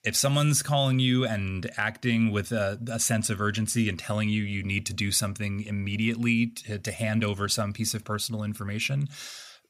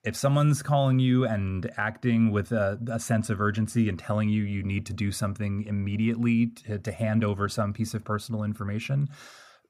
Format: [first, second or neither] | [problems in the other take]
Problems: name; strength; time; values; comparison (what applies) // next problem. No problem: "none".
first | muffled; slightly; fading above 1.5 kHz